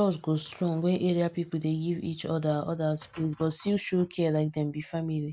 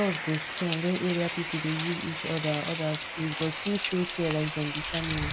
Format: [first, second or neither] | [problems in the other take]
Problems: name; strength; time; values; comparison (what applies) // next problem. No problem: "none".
first | background sound (Rain); 5 dB below the speech